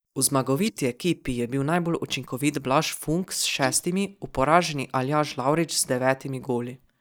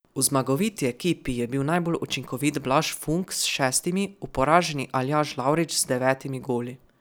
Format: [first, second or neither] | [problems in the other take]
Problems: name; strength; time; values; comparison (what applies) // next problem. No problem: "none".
second | noise reduction (neural mask model DeepFilterNet 3)